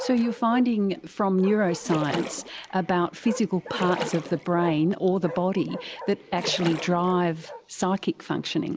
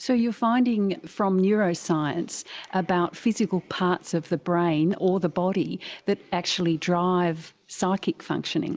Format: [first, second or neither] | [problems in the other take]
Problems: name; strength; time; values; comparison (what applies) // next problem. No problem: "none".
second | background sound (Splash, splatter + Bark); 12 dB below the speech